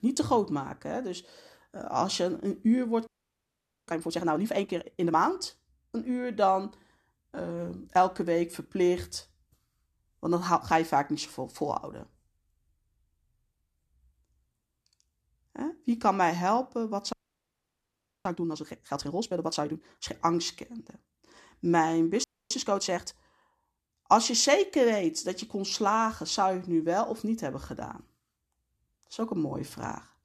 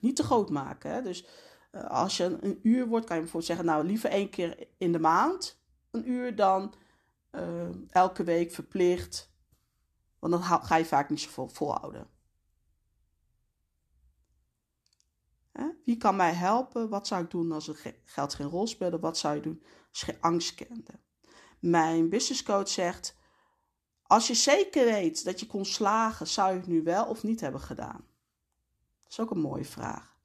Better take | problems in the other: second | audio freezing; at 3 s for 1 s, at 17 s for 1 s and at 22 s

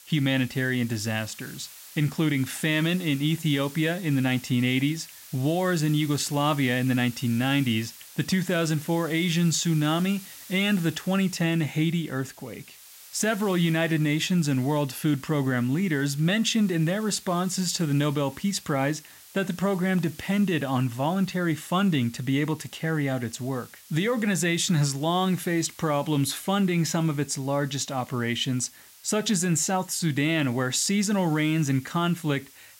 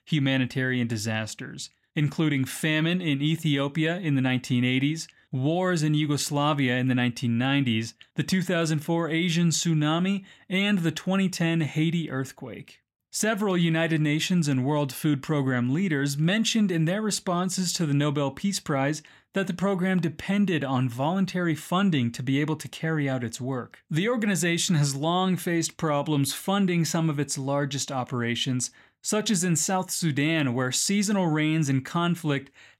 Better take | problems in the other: second | hiss; noticeable; throughout; 20 dB below the speech

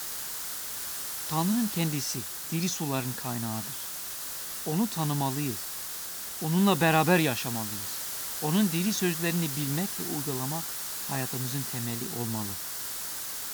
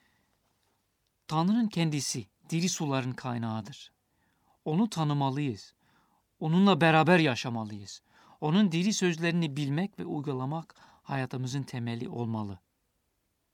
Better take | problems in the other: second | hiss; loud; throughout; 3 dB below the speech

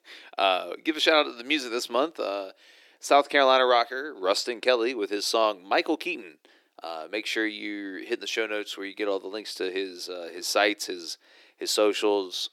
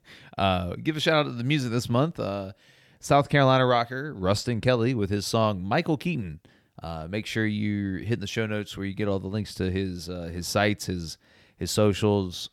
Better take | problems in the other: second | thin; very; fading below 300 Hz

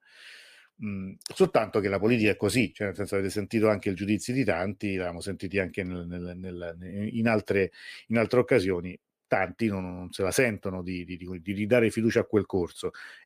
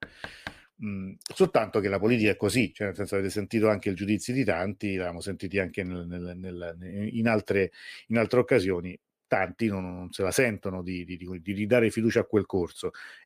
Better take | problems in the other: first | door banging; faint; at the start; peak 15 dB below the speech

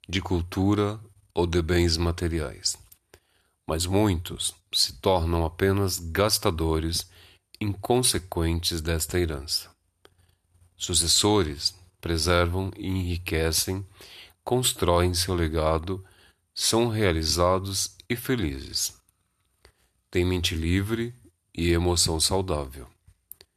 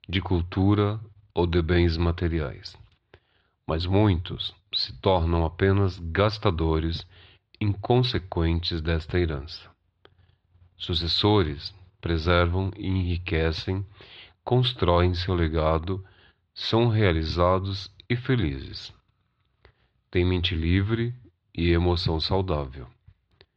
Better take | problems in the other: first | muffled; slightly; fading above 4 kHz

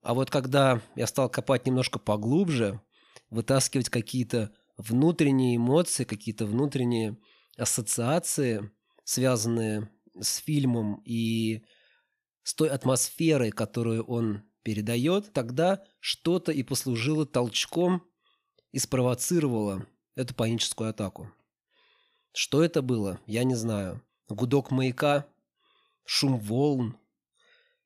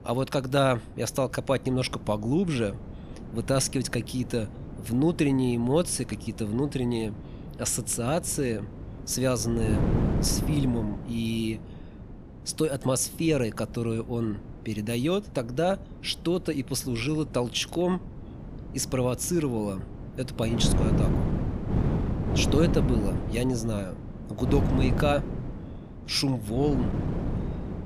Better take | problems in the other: first | wind noise on the microphone; heavy; 9 dB below the speech

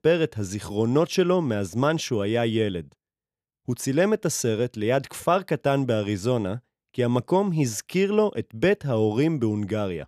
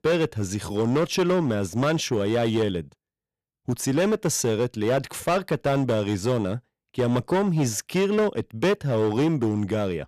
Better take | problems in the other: first | distortion; slight; 11% of the sound clipped

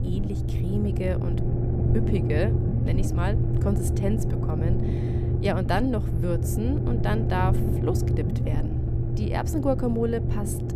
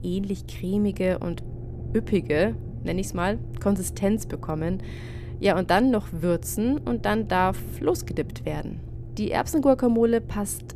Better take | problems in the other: second | low rumble; loud; throughout; 4 dB below the speech; faint in the second

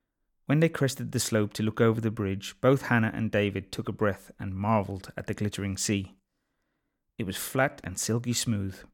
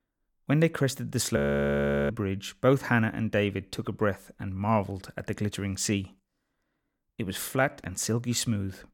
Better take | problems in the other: first | audio freezing; at 1.5 s for 0.5 s

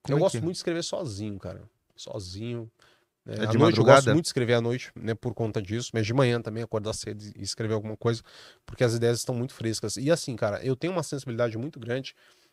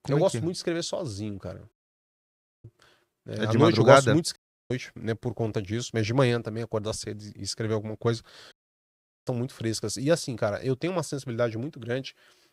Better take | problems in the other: first | audio cutting out; at 1.5 s for 1 s, at 4.5 s and at 8.5 s for 1 s

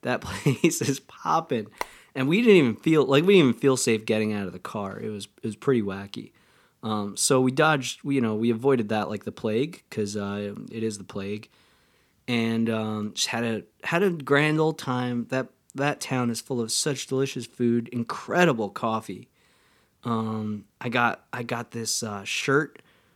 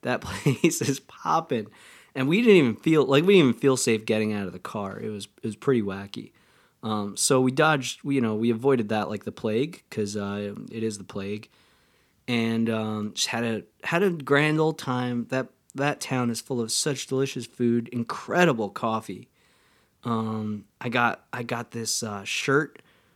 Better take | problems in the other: second | phone ringing; very faint; at 2 s; peak 10 dB below the speech

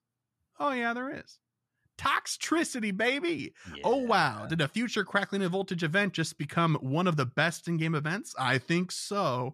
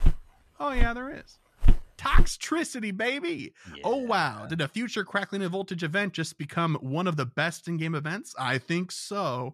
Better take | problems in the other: first | footsteps; loud; until 2.5 s; peak 1 dB above the speech

